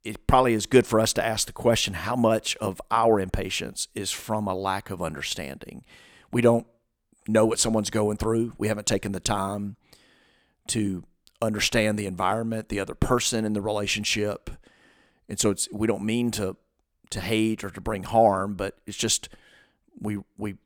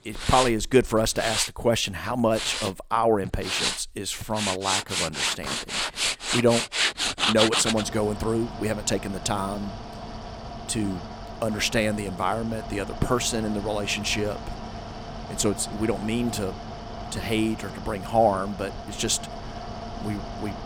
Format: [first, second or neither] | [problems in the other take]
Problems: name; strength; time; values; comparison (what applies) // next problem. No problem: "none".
first | machinery noise; loud; throughout; 4 dB below the speech